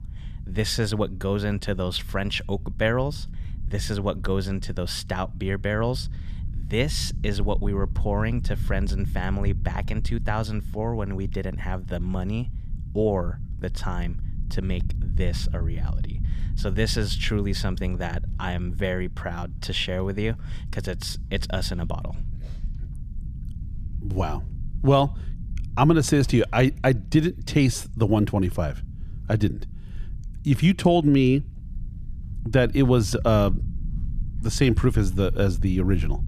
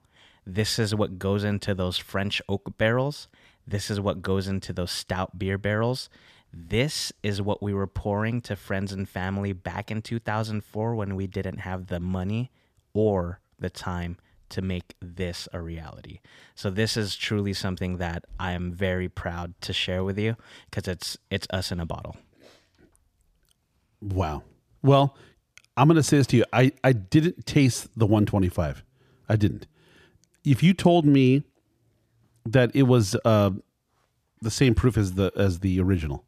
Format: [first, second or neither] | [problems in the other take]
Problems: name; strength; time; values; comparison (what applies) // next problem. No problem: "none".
second | low rumble; faint; throughout; 20 dB below the speech